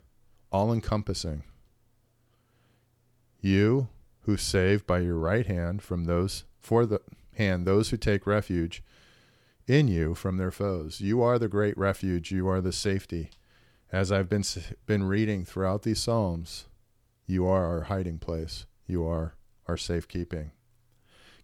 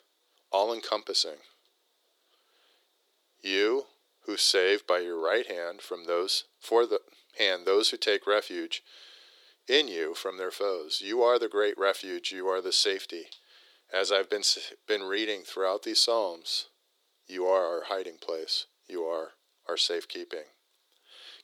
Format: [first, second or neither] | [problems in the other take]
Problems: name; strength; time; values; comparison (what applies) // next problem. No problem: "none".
first | thin; very; fading below 350 Hz